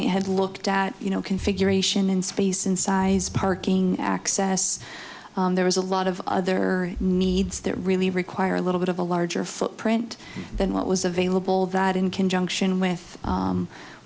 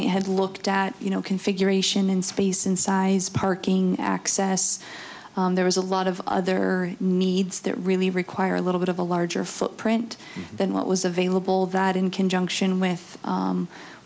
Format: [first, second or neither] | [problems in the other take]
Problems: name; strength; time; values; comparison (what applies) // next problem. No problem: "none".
second | background sound (Ocean); 18 dB below the speech